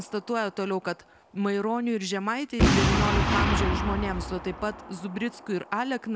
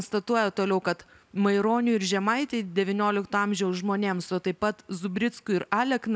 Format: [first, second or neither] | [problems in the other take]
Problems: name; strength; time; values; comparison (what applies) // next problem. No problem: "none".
second | background sound (Boom); 1 dB above the speech